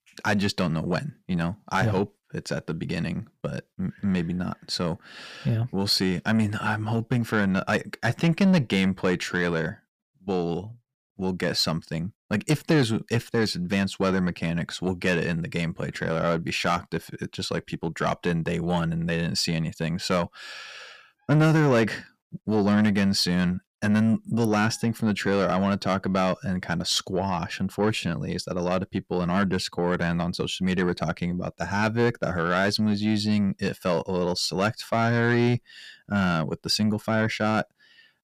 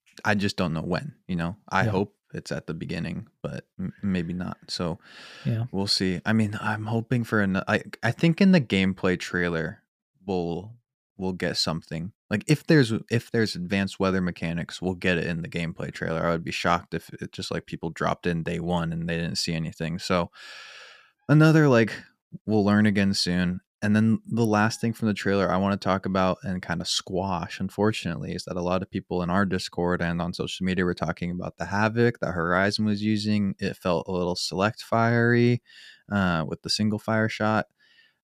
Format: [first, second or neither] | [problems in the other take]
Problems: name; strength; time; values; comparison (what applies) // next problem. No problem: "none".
second | distortion; slight; 10 dB below the speech